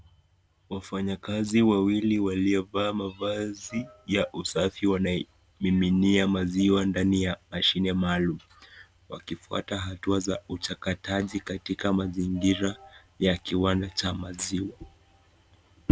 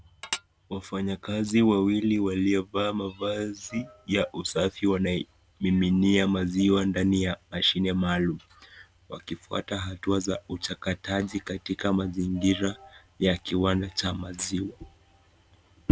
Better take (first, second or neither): first